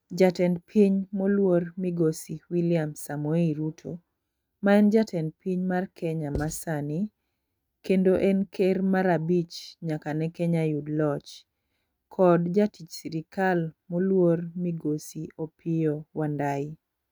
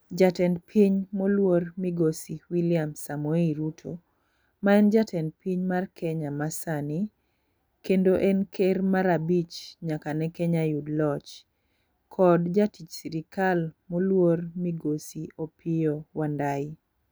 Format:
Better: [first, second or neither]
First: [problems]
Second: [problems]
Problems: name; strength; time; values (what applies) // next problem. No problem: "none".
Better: second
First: noise reduction (neural mask model RNNoise)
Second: none